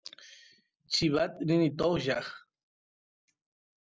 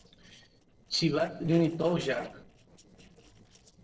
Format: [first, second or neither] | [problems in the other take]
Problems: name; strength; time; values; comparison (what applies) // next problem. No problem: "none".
first | noise reduction (neural separator model SepFormer DNS4)